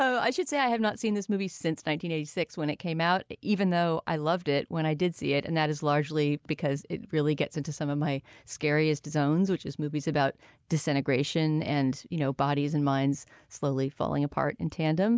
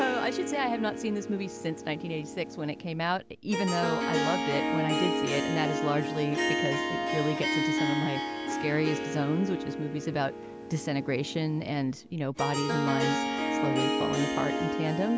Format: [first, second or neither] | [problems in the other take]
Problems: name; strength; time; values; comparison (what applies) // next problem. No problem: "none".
first | background sound (Harp); as loud as the speech